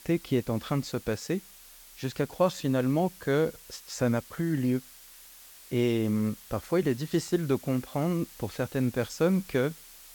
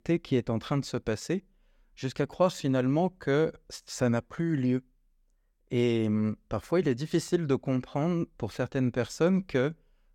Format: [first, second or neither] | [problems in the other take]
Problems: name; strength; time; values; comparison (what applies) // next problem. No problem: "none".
second | hiss; noticeable; throughout; 20 dB below the speech